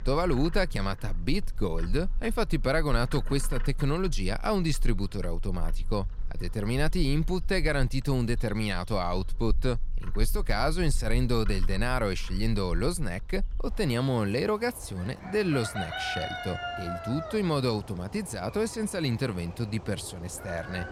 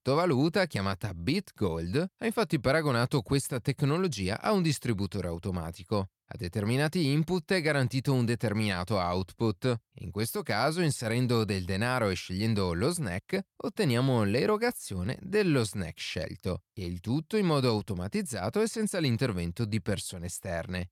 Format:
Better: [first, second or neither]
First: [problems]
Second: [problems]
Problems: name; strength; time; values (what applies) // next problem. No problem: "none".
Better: second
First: animal sounds; loud; throughout; 8 dB below the speech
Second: none